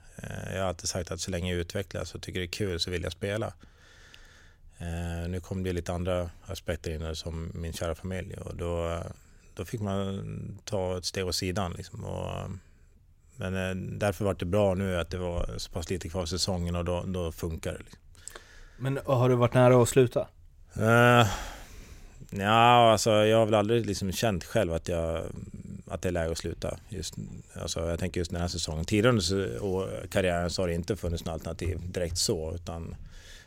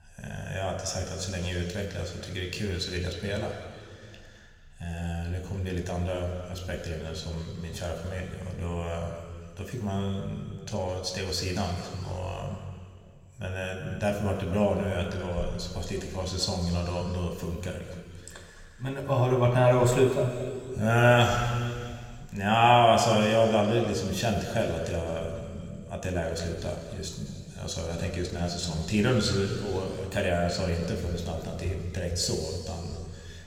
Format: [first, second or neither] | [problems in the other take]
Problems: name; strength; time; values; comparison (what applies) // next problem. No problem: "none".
first | room echo; noticeable; dies away in 2.3 s // off-mic speech; somewhat distant